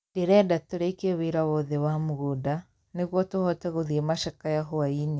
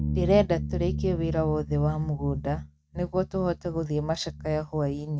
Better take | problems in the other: first | noise reduction (neural mask model RNNoise)

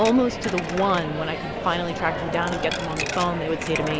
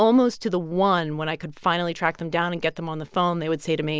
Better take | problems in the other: second | background sound (Coin (dropping)); 4 dB below the speech

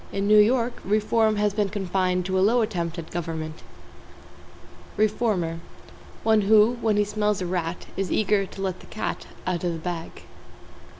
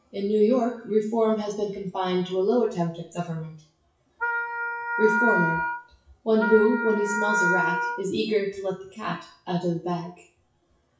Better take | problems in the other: first | noise reduction (classical method WPE with log-MMSE)

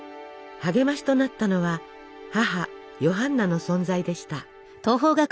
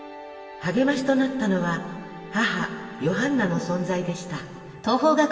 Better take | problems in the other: first | room echo; dies away in 1.9 s

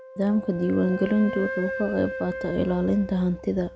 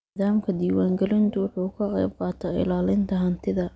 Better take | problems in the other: second | background sound (Wind instrument, woodwind instrument); 10 dB below the speech

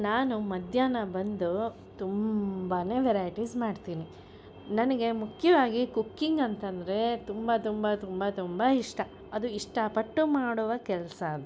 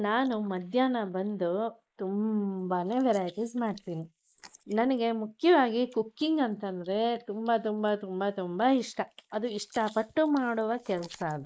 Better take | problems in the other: first | noise reduction (neural mask model Resemble Enhance denoiser)

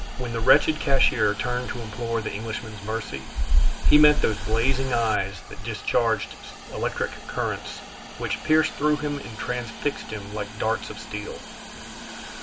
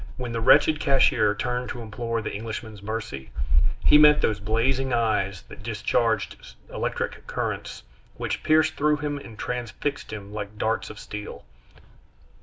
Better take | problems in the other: second | background sound (Hiss); 16 dB below the speech

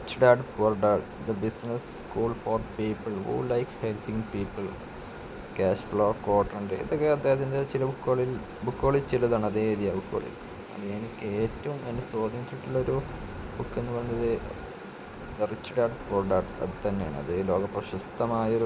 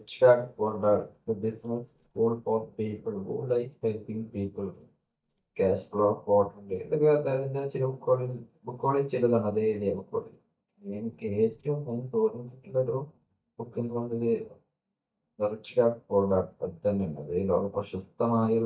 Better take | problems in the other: first | noise reduction (neural mask model DeepFilterNet 3)

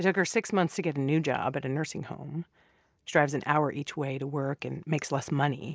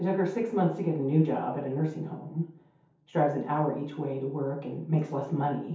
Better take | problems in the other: first | room echo; dies away in 0.6 s

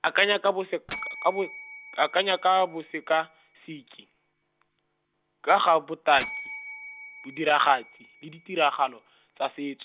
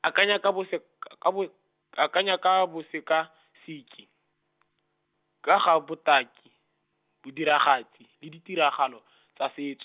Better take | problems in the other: second | background sound (Bell); 17 dB below the speech

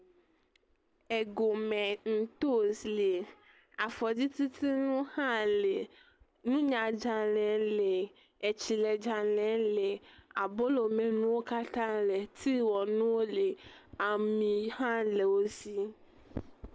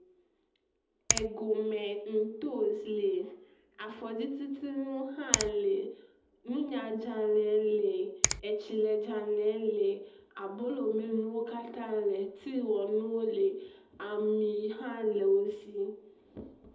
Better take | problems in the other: first | background sound (Finger snapping); 3 dB below the speech // room echo; dies away in 0.8 s

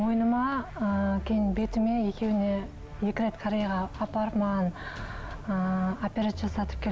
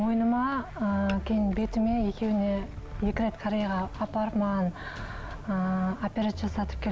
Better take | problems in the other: first | background sound (Glass); 13 dB below the speech

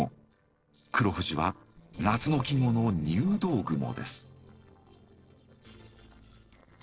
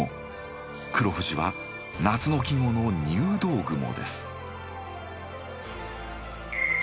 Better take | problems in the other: second | noise reduction (neural separator model SepFormer DNS4)

